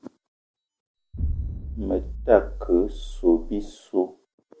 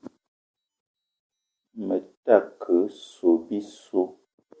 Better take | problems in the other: second | background sound (Explosion); 6 dB below the speech

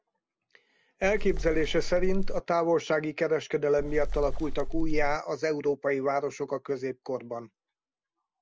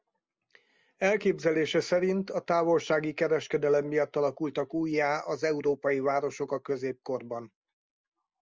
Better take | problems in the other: second | background sound (Wind); 2 dB above the speech

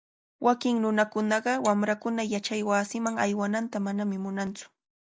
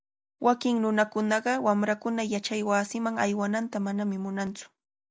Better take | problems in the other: second | noise reduction (neural mask model Resemble Enhance denoiser)

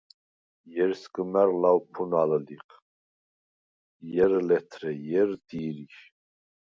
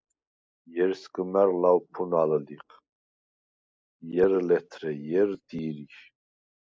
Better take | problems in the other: first | noise reduction (neural mask model Resemble Enhance denoiser)

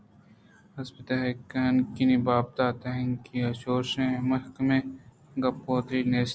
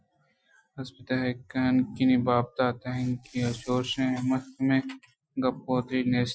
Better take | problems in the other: first | noise reduction (classical method Wiener filter)

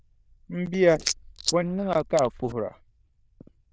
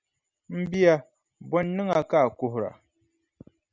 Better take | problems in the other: second | noise reduction (neural diffusion model UNIVERSE++)

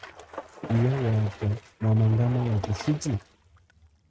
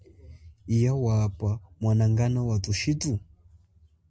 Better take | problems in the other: second | noise reduction (neural mask model RNNoise)

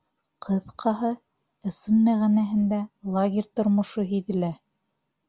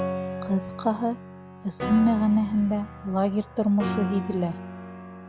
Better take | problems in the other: first | background sound (Piano); 8 dB below the speech

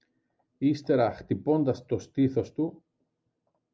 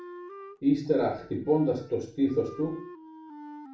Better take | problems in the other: first | background sound (Wind instrument, woodwind instrument); 17 dB below the speech // room echo; dies away in 0.4 s

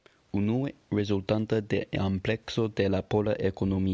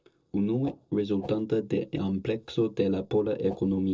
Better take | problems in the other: first | noise reduction (neural separator model SepFormer DNS4)

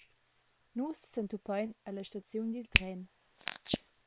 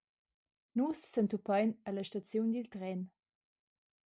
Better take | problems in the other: second | noise reduction (neural separator model SepFormer WHAM!)

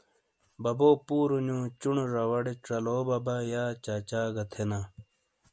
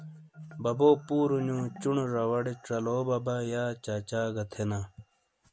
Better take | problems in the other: first | background sound (Marimba, xylophone); 19 dB below the speech

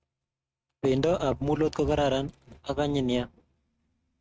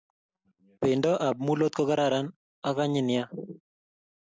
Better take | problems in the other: second | noise reduction (neural mask model RNNoise)

